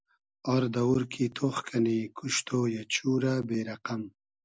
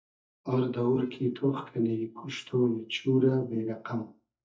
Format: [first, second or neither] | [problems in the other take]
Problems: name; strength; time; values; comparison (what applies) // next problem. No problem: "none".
first | noise reduction (neural mask model DeepFilterNet 3)